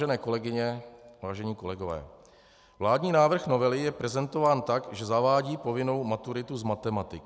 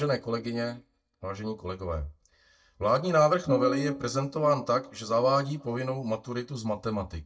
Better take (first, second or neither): first